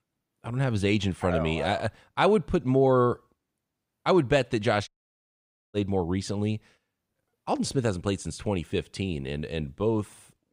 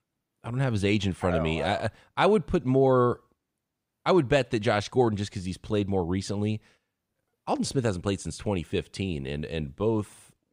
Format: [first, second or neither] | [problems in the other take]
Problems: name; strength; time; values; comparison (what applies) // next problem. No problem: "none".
second | audio cutting out; at 5 s for 1 s